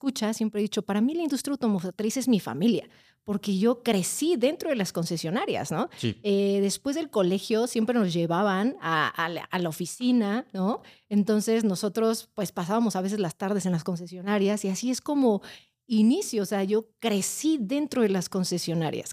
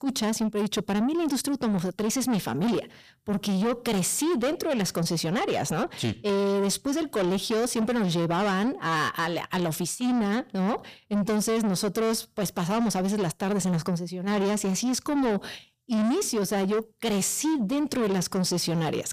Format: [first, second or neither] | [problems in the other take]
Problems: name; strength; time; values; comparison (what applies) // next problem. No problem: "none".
first | distortion; heavy; 8 dB below the speech